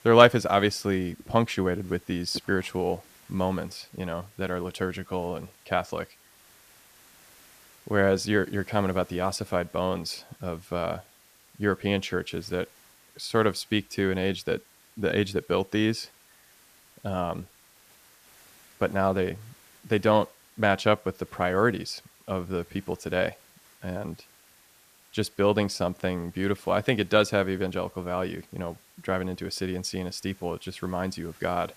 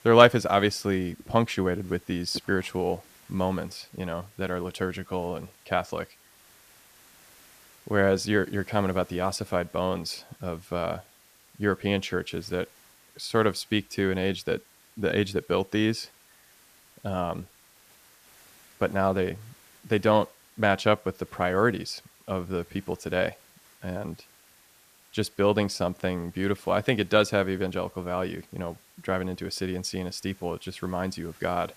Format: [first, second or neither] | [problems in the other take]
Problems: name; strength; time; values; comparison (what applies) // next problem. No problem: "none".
neither | hiss; faint; throughout; 25 dB below the speech; the same in both